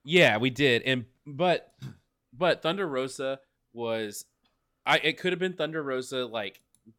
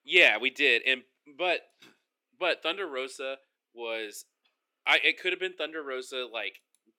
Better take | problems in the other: first | thin; somewhat; fading below 350 Hz

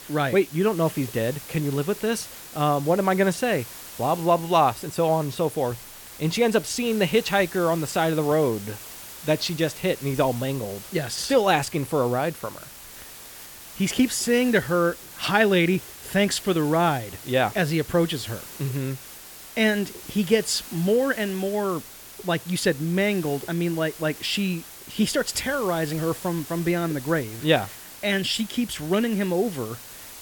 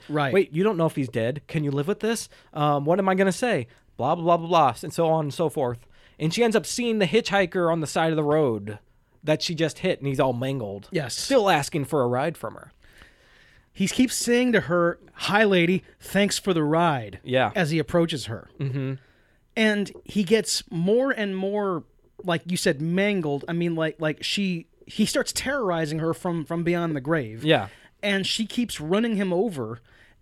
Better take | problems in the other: second | hiss; noticeable; throughout; 15 dB below the speech

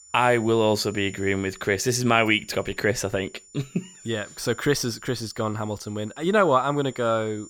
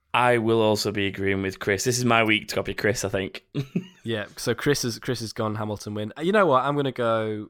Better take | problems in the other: second | high-pitched whine; faint; throughout; 7 kHz, 20 dB below the speech

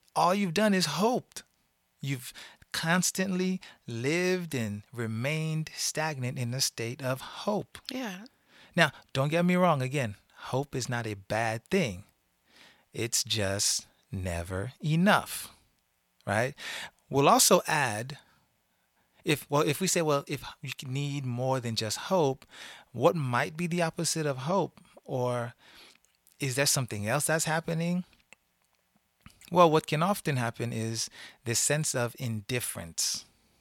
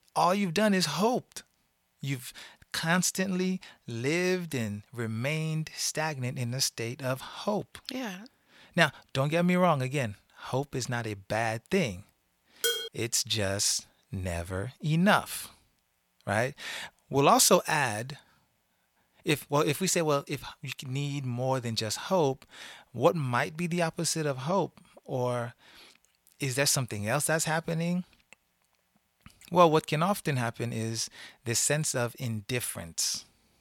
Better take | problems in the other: first | clattering dishes; noticeable; at 13 s; peak level with the speech

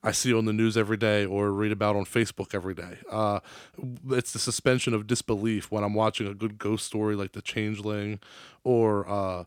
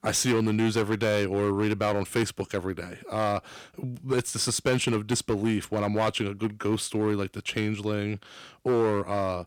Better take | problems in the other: first | distortion; slight; 6% of the sound clipped

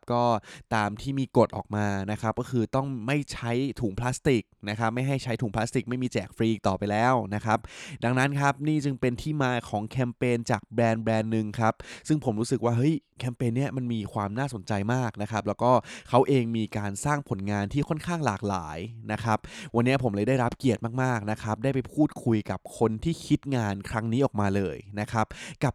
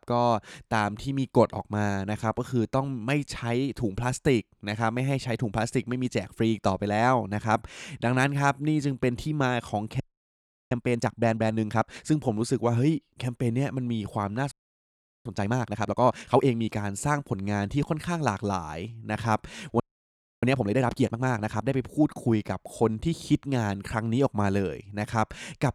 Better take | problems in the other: first | audio freezing; at 10 s for 0.5 s, at 15 s for 0.5 s and at 20 s for 0.5 s

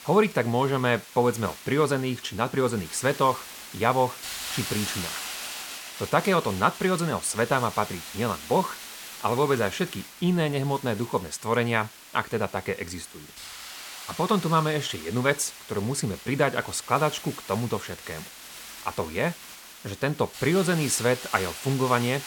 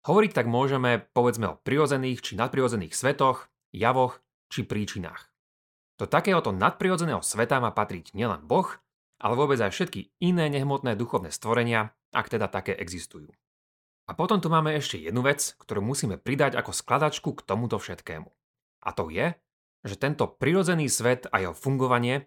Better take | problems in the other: second | hiss; noticeable; throughout; 10 dB below the speech

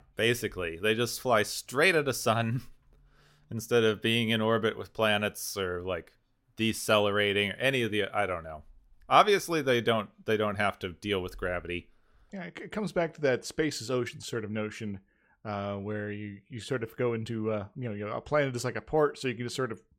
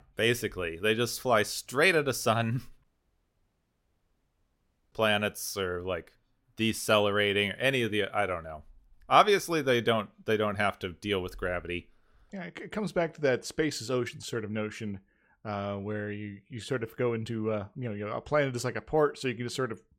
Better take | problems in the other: first | audio cutting out; at 3 s for 2 s

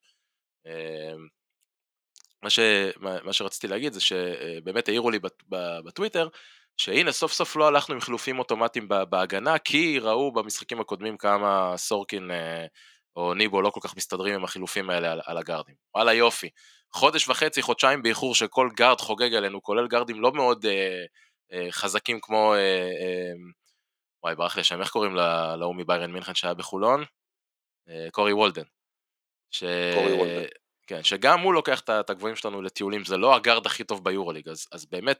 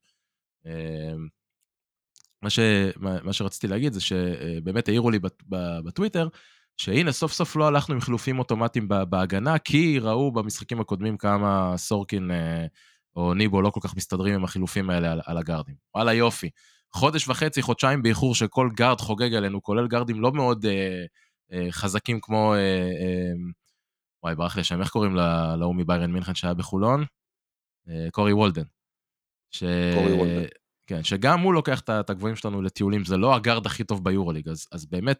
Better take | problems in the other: second | thin; somewhat; fading below 450 Hz

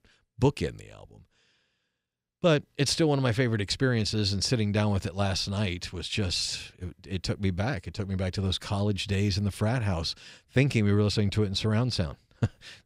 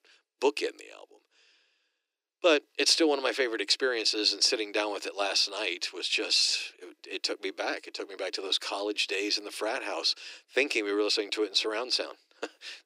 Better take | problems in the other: first | thin; very; fading below 300 Hz

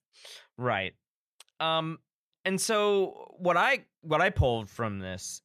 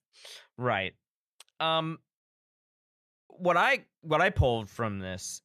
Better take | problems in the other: first | audio cutting out; at 2 s for 1 s

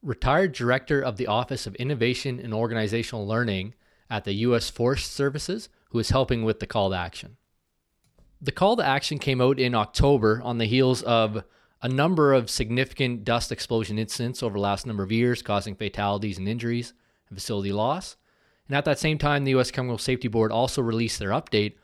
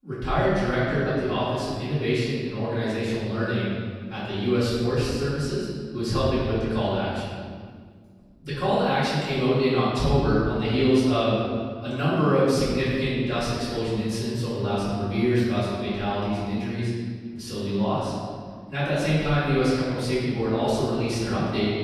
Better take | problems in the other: first | off-mic speech; far // room echo; strong; dies away in 1.9 s

